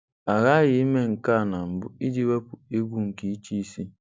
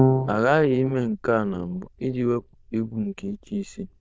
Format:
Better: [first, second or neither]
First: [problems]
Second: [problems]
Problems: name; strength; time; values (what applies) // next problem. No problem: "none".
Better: first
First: none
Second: noise reduction (neural diffusion model UNIVERSE++)